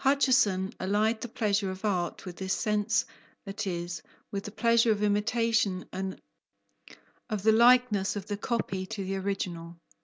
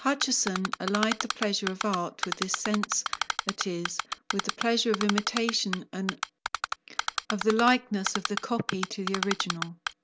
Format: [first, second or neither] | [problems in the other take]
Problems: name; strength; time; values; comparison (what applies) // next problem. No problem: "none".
first | background sound (Typing); 4 dB below the speech